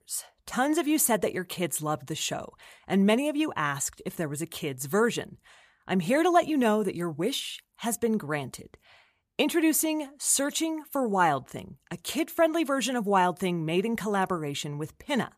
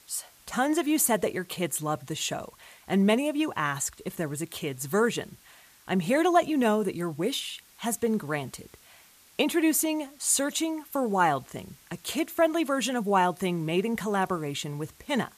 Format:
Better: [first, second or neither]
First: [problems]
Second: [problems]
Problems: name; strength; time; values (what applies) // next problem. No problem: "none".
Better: first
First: none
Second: hiss; faint; throughout; 25 dB below the speech